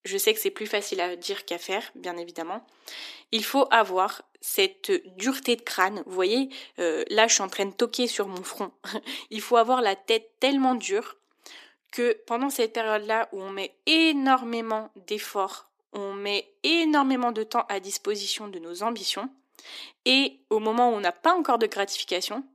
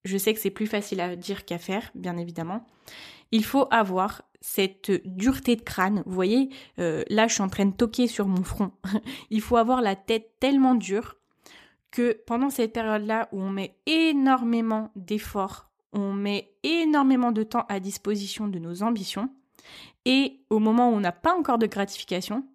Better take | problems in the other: second | thin; somewhat; fading below 300 Hz

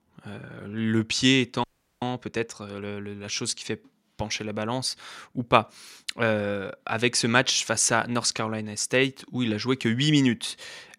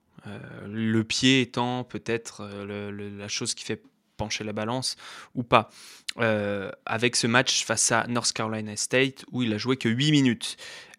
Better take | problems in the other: second | audio freezing; at 1.5 s

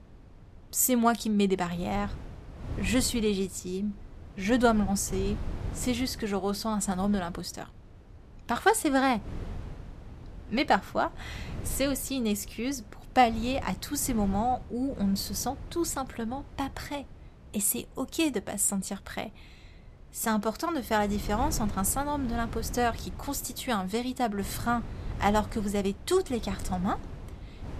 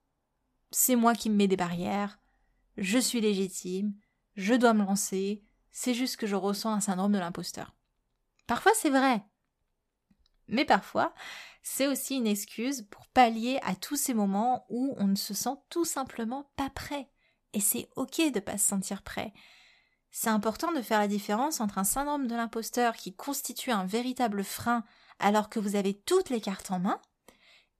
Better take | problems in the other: second | wind noise on the microphone; occasional gusts; 20 dB below the speech

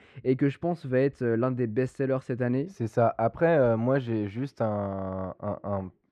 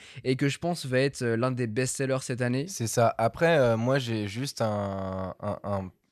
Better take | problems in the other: second | muffled; very; fading above 3 kHz

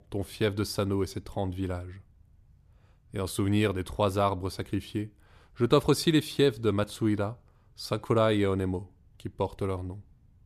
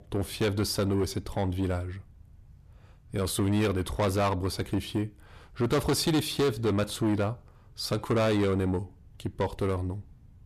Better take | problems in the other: first | distortion; heavy; 8 dB below the speech

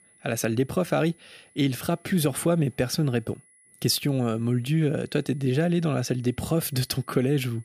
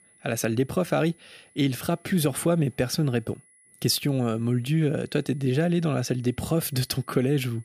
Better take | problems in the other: neither | high-pitched whine; faint; throughout; 10.5 kHz, 30 dB below the speech; the same in both

